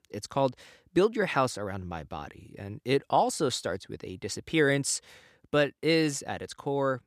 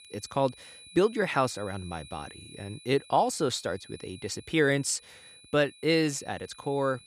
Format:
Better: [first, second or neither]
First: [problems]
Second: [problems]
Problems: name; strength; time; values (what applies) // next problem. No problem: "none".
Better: first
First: none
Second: high-pitched whine; faint; throughout; 4 kHz, 20 dB below the speech